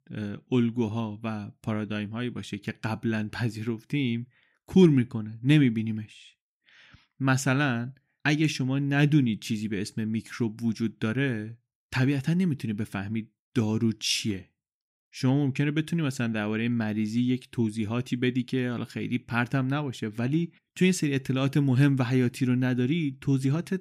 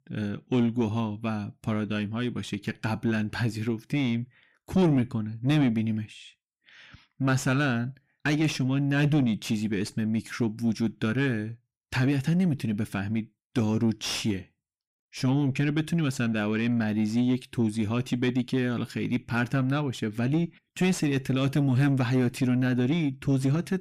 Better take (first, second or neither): first